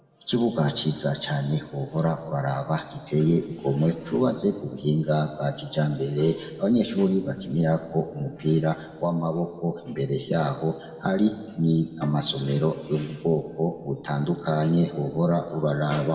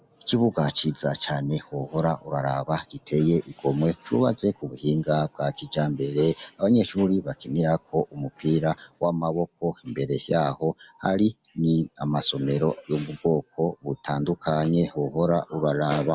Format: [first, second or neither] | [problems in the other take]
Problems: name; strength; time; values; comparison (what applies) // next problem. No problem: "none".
second | background sound (Bowed string instrument); 13 dB below the speech // room echo; dies away in 1.5 s